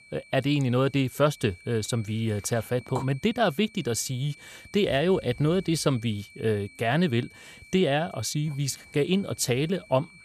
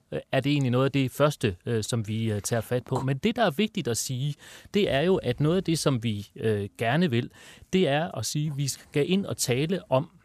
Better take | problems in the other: second | high-pitched whine; faint; throughout; 2.5 kHz, 25 dB below the speech

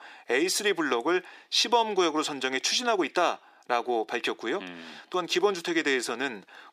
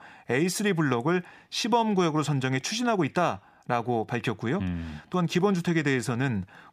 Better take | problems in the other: second | thin; somewhat; fading below 350 Hz

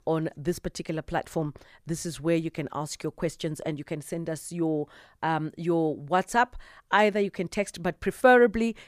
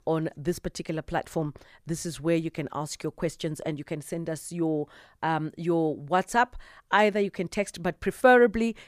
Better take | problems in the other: neither | none

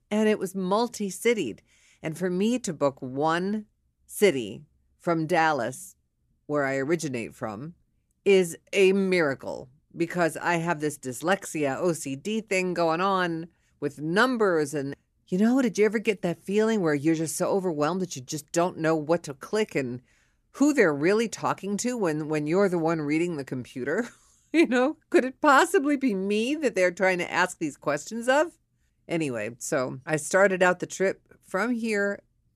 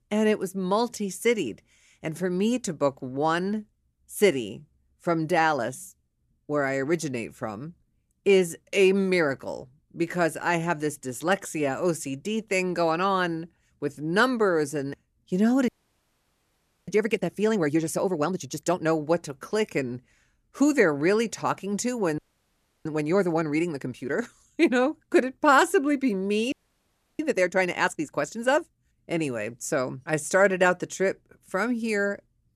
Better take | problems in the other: first | audio freezing; at 16 s for 1 s, at 22 s for 0.5 s and at 27 s for 0.5 s

